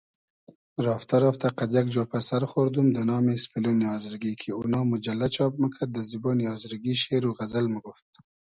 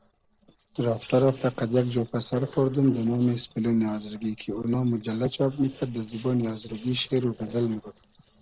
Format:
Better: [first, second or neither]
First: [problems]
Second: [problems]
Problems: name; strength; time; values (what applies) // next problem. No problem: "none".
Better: first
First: none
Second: noise reduction (neural separator model SepFormer DNS4)